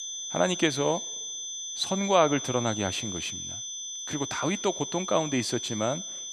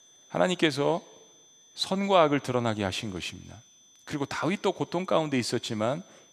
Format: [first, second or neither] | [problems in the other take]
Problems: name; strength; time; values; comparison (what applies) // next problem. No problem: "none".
second | high-pitched whine; loud; throughout; 6 kHz, 5 dB below the speech; faint in the second